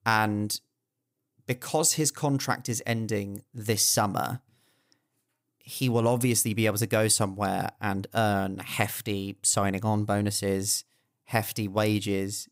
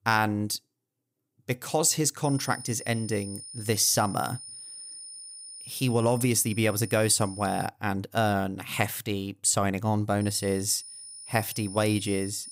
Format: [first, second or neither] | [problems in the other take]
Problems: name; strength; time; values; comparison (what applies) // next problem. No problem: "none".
first | high-pitched whine; noticeable; from 2 to 7.5 s and from 10 s on; 9.5 kHz, 15 dB below the speech